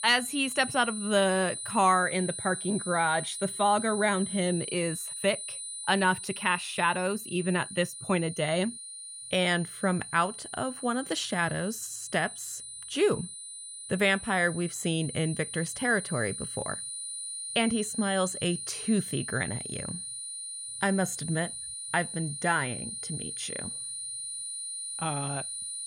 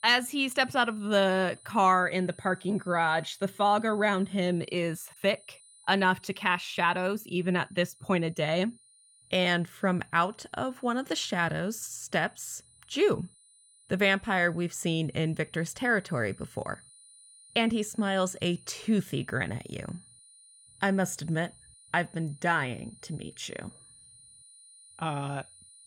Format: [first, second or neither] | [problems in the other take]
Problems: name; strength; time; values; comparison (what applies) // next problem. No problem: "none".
second | high-pitched whine; loud; throughout; 9.5 kHz, 7 dB below the speech; faint in the second